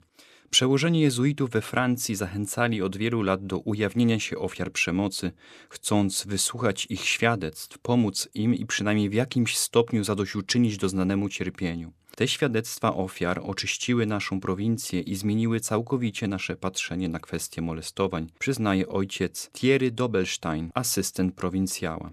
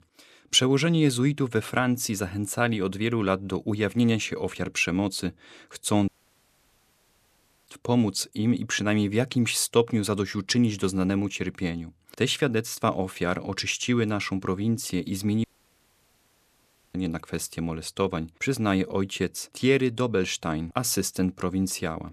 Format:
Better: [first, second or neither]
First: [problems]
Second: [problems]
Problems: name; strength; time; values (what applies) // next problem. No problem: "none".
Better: first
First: none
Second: audio cutting out; at 6 s for 1.5 s and at 15 s for 1.5 s